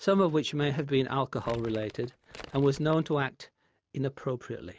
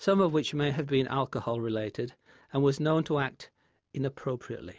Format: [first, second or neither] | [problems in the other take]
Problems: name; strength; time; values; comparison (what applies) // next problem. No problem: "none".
second | noise reduction (neural mask model RNNoise)